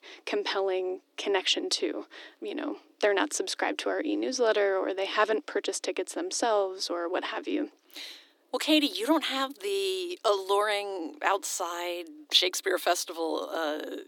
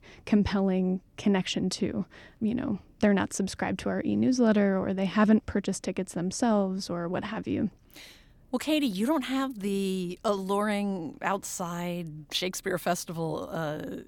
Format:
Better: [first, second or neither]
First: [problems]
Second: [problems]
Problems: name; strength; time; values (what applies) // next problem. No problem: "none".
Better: second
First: thin; very; fading below 300 Hz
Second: none